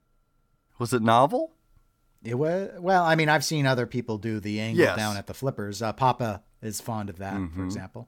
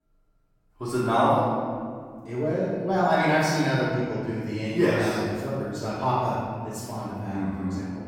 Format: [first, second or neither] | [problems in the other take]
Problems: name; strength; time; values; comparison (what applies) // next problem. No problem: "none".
first | room echo; strong; dies away in 1.8 s // off-mic speech; far